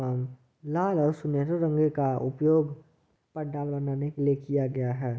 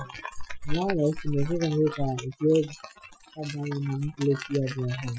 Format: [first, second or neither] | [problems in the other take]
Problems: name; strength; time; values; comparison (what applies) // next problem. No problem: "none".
first | noise reduction (classical method Wiener filter)